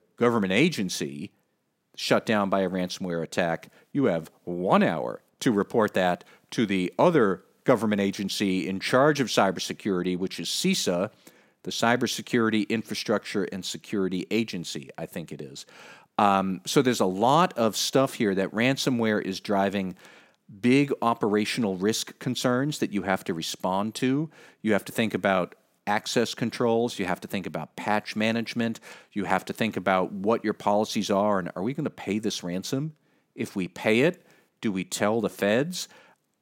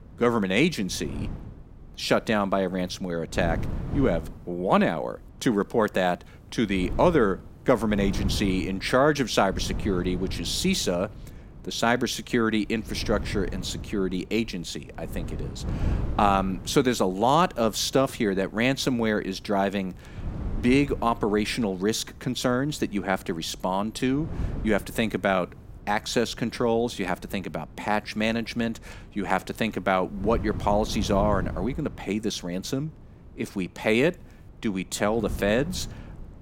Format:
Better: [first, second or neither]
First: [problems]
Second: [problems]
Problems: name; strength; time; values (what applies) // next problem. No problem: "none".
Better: first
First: none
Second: wind noise on the microphone; occasional gusts; 20 dB below the speech